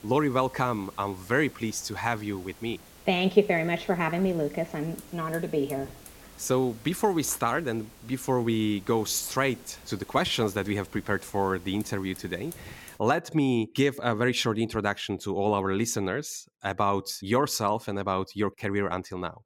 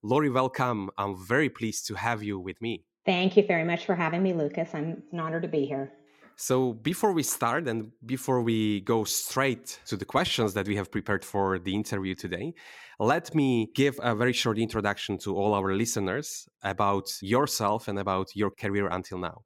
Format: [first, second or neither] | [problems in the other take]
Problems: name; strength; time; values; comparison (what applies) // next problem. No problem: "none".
second | hiss; faint; until 13 s; 20 dB below the speech